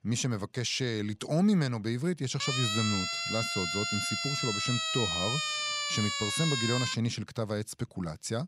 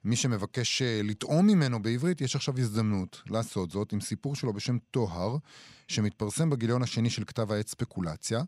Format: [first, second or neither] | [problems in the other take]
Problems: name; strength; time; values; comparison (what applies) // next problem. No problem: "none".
second | siren; loud; from 2.5 to 7 s; peak 3 dB above the speech